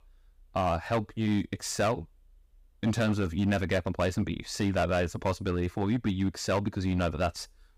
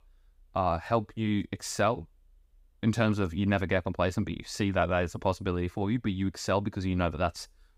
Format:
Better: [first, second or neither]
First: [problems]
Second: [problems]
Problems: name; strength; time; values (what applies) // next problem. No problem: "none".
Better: second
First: distortion; slight; 7% of the sound clipped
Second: none